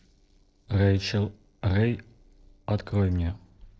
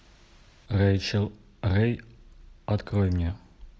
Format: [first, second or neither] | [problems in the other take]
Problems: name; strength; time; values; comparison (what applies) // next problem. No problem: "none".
second | noise reduction (neural separator model SepFormer DNS4)